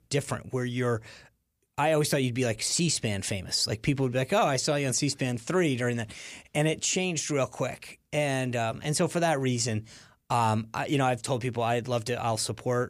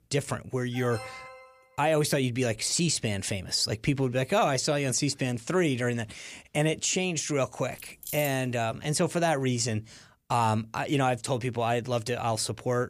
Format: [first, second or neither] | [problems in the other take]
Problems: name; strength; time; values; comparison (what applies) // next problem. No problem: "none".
first | alarm; faint; at 0.5 s; peak 15 dB below the speech // jangling keys; noticeable; at 8 s; peak 9 dB below the speech